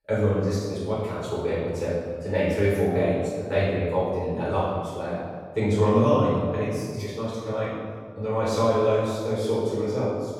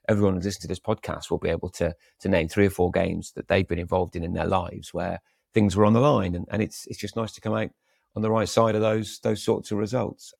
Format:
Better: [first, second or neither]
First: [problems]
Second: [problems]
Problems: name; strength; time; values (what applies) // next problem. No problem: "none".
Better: second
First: room echo; strong; dies away in 1.6 s // off-mic speech; far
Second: none